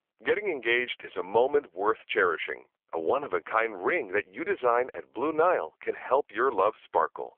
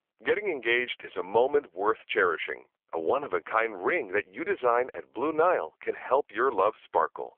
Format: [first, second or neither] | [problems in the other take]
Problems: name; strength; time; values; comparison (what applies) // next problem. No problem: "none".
neither | phone-call audio; poor line; nothing above 3.5 kHz; the same in both